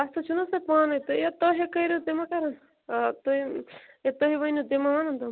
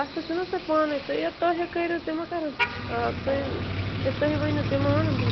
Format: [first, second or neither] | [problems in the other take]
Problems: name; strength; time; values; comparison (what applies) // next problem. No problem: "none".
first | background sound (Motor vehicle (road)); 3 dB below the speech